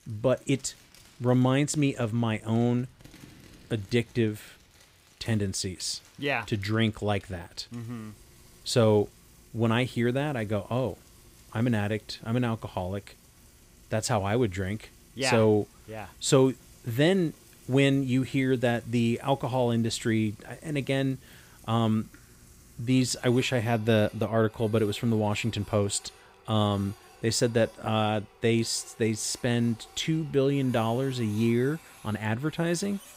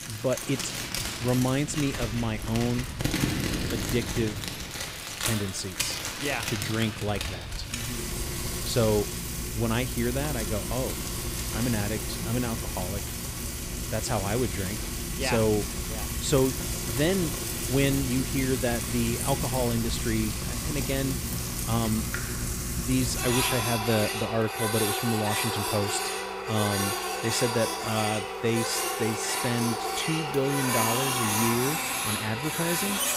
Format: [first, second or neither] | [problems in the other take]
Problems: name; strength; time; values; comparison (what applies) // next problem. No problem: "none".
first | household noises; loud; throughout; 1 dB below the speech; faint in the first